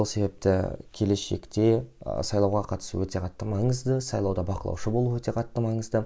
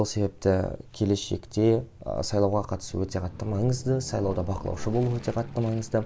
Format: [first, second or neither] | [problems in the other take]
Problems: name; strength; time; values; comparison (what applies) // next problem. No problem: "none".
first | background sound (Aircraft); 18 dB below the speech